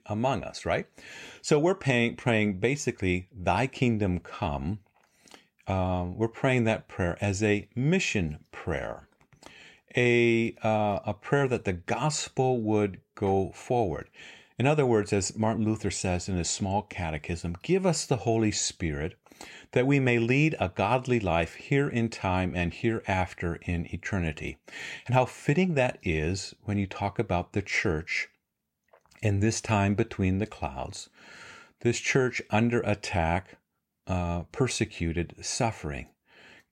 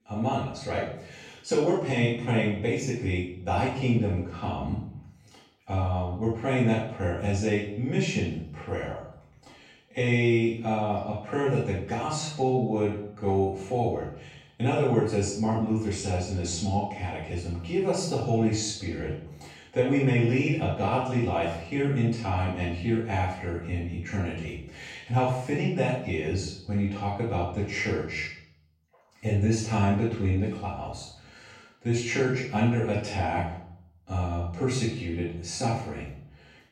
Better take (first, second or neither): first